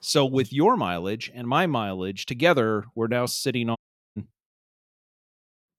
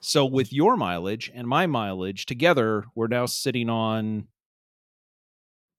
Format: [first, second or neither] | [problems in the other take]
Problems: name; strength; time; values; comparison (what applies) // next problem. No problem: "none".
second | audio cutting out; at 4 s